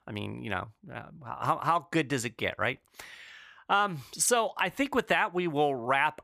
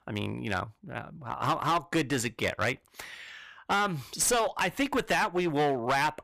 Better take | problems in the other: first | distortion; heavy; 9% of the sound clipped

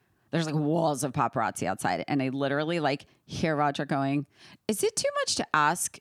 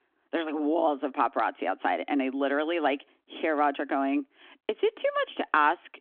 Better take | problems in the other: first | phone-call audio

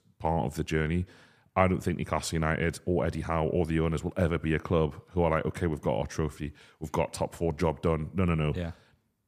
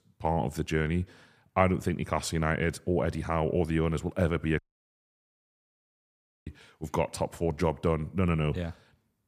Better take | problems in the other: first | audio cutting out; at 4.5 s for 2 s

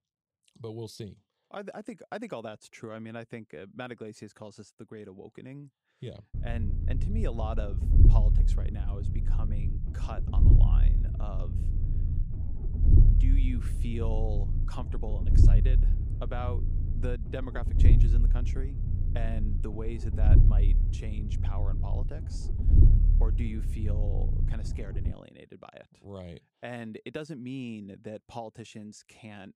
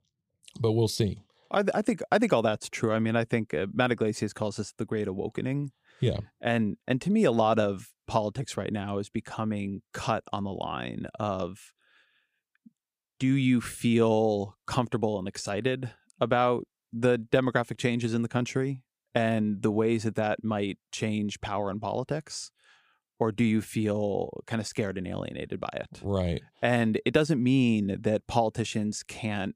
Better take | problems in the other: second | low rumble; loud; from 6.5 to 25 s; 2 dB below the speech

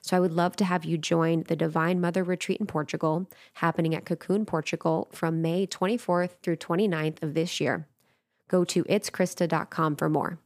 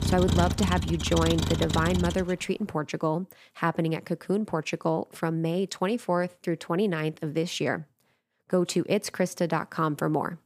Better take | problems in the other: first | traffic noise; loud; until 2.5 s; 1 dB below the speech

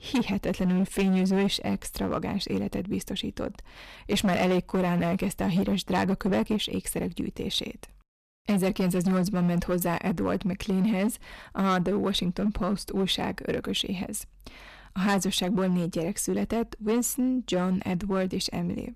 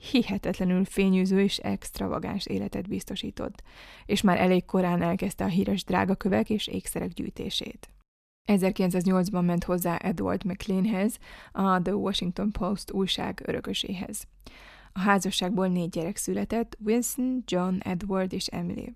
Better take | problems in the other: second | distortion; slight; 8% of the sound clipped

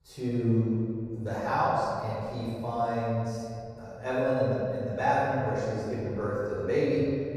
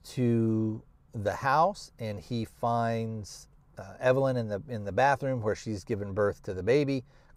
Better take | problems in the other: second | off-mic speech; far // room echo; strong; dies away in 2.3 s

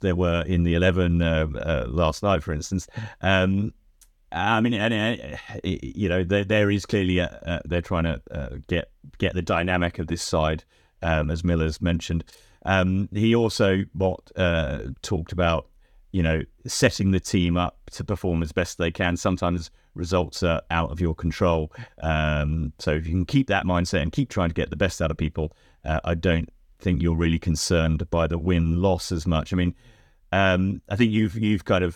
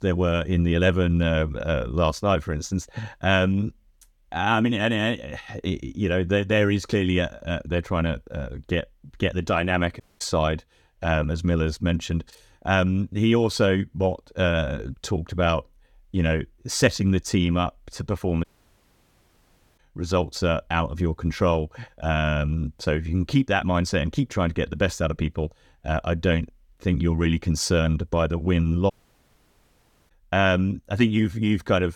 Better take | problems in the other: first | audio cutting out; at 10 s, at 18 s for 1.5 s and at 29 s for 1 s

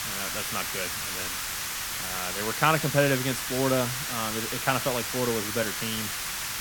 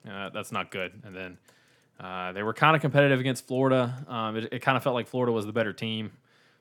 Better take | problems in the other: second | hiss; loud; throughout; 1 dB below the speech

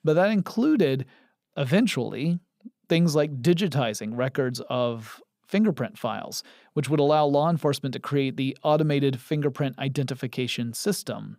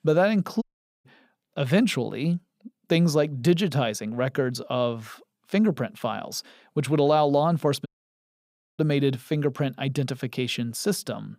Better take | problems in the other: first | audio cutting out; at 0.5 s and at 8 s for 1 s

